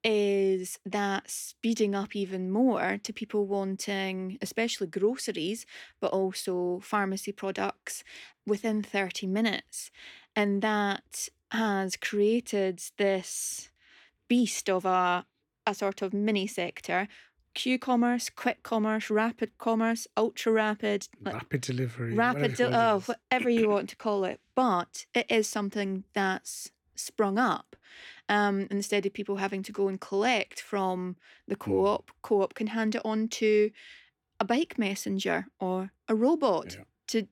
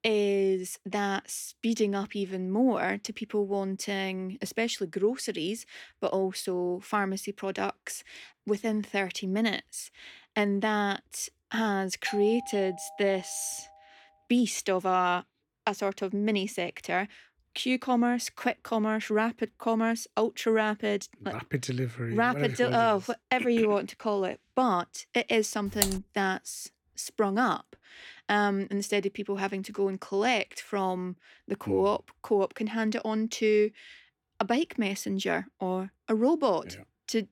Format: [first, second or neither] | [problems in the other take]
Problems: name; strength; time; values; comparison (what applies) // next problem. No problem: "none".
first | doorbell; noticeable; from 12 to 14 s; peak 9 dB below the speech // keyboard typing; loud; at 26 s; peak level with the speech